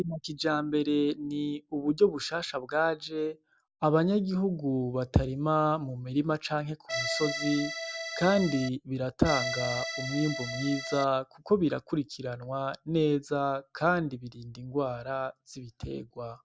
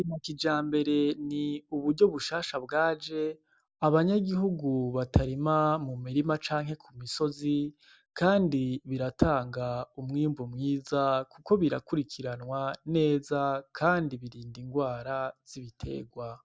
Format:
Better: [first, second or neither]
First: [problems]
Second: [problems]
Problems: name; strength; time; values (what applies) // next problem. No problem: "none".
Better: second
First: background sound (Accordion); 5 dB below the speech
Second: none